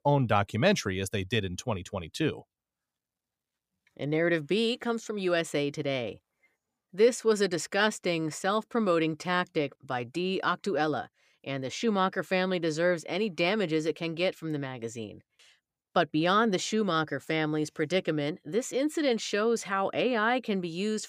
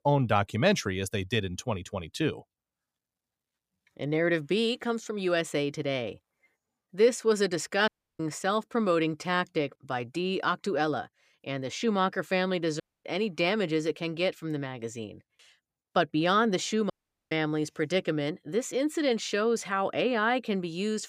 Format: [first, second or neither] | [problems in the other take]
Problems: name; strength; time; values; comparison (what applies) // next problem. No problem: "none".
first | audio cutting out; at 8 s, at 13 s and at 17 s